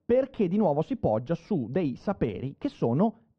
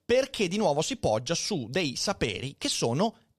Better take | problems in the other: second | muffled; very; fading above 1 kHz

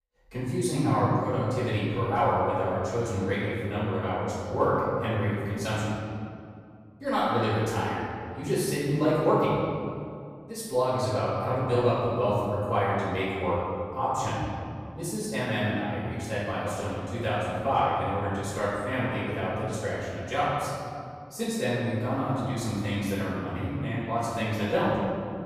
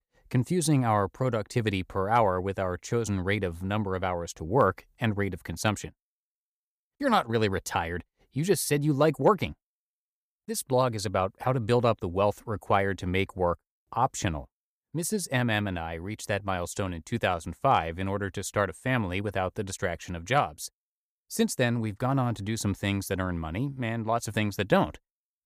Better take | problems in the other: second | off-mic speech; far // room echo; strong; dies away in 2.1 s

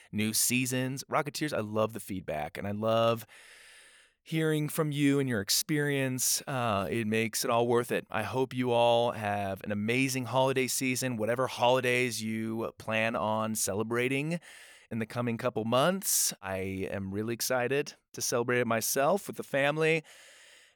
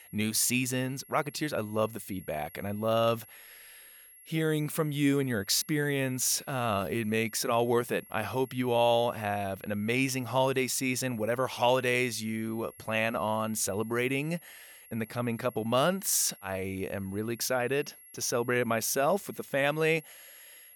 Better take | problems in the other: first | high-pitched whine; faint; throughout; 11.5 kHz, 20 dB below the speech

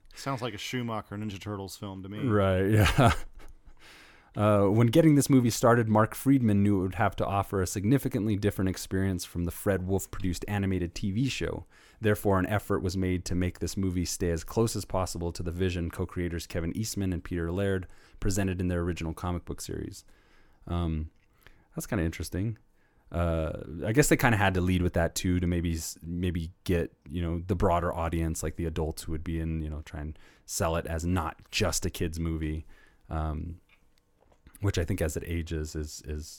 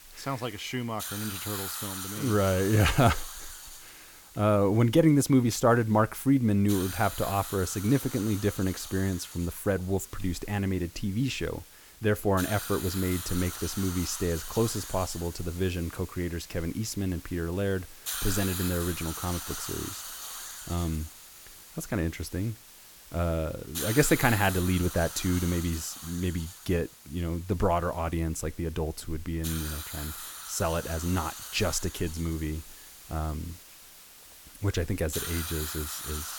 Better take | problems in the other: first | hiss; loud; throughout; 9 dB below the speech

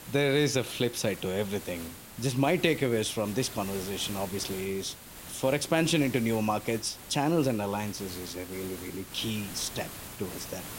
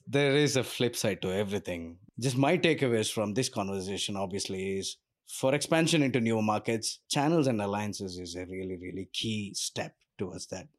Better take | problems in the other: second | hiss; noticeable; throughout; 10 dB below the speech

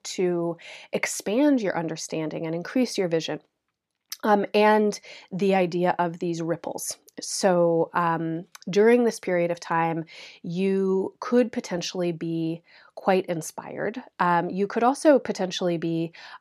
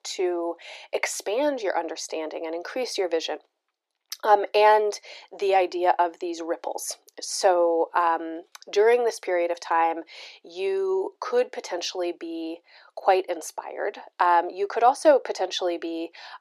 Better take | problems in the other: first | thin; very; fading below 350 Hz

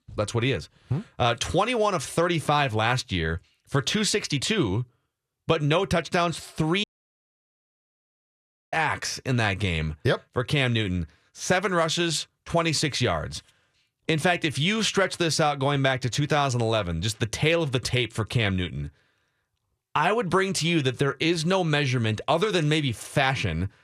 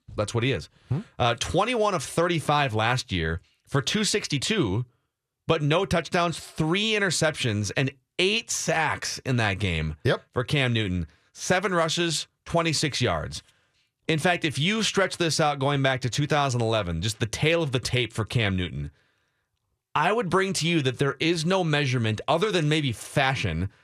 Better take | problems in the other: second | audio cutting out; at 7 s for 2 s

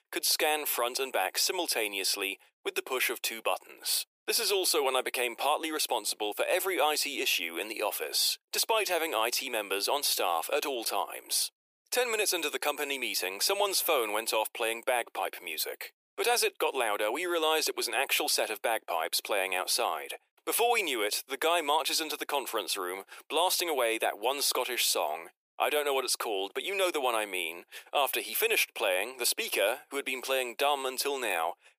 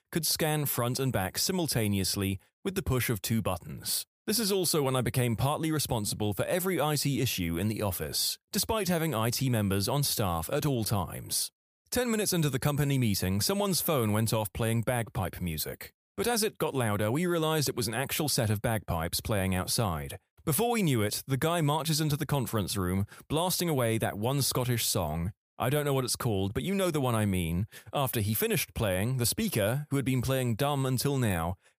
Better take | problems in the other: second | thin; very; fading below 350 Hz

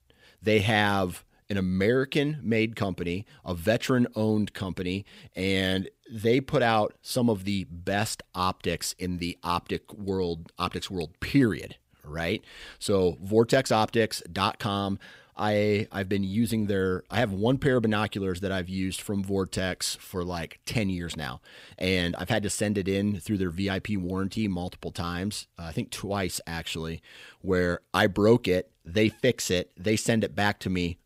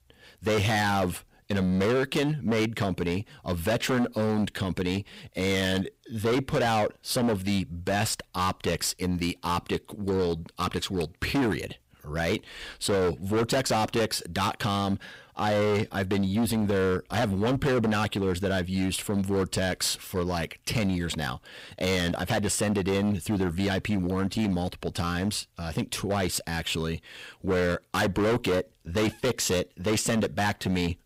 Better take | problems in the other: first | distortion; heavy; 17% of the sound clipped

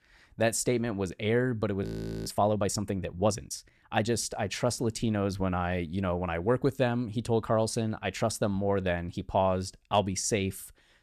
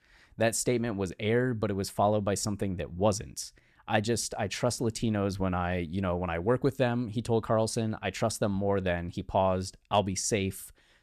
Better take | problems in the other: second | audio freezing; at 2 s

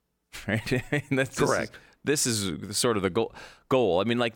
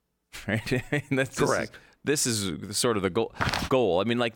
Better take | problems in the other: first | footsteps; noticeable; at 3.5 s; peak 1 dB below the speech

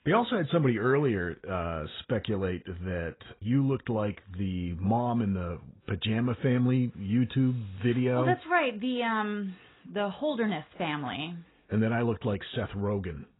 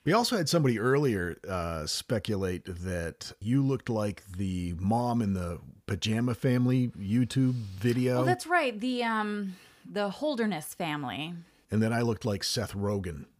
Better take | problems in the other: second | garbled, watery; badly; nothing above 4 kHz

